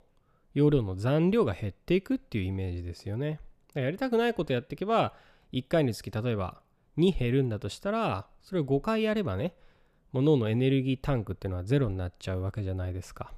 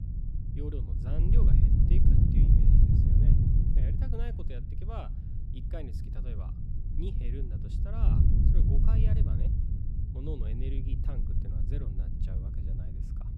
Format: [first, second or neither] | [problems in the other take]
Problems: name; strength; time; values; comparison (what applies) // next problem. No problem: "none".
first | wind noise on the microphone; heavy; 4 dB above the speech